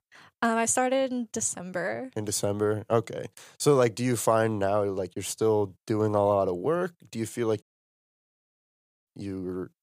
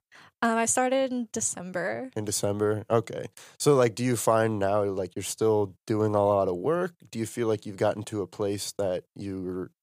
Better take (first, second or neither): second